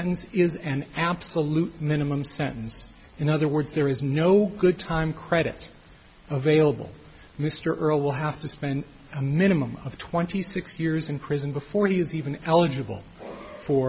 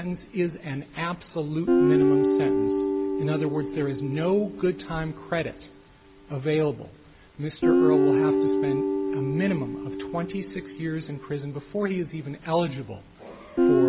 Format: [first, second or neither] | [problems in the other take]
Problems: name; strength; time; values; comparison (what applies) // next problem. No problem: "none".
first | background sound (Guitar); 3 dB above the speech